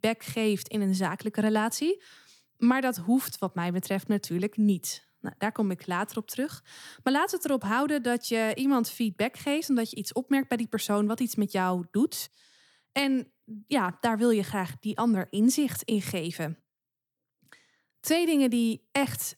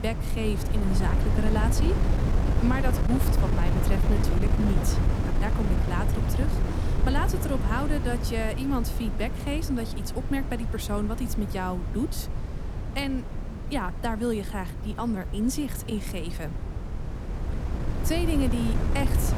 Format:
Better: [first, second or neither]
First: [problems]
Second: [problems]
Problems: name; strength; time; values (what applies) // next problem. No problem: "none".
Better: first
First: none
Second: wind noise on the microphone; heavy; 4 dB below the speech